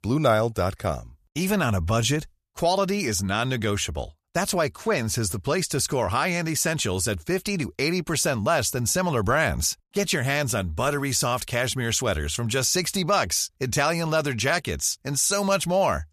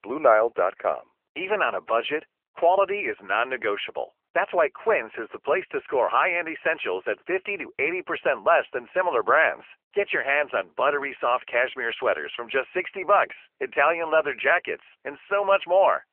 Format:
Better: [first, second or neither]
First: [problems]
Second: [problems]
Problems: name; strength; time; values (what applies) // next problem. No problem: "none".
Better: first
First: none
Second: phone-call audio; nothing above 3 kHz